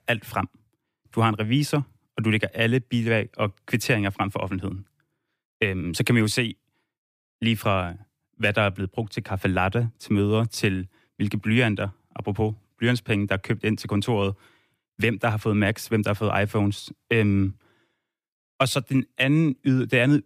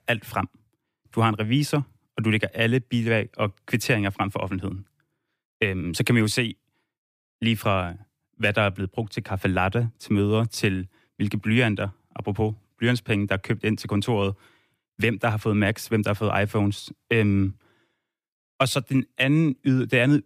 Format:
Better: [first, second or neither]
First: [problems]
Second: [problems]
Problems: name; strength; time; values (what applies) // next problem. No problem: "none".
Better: neither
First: none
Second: none